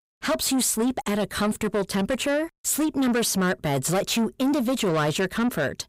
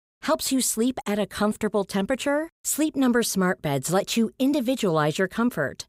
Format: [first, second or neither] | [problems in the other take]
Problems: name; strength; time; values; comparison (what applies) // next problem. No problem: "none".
second | distortion; slight; 10 dB below the speech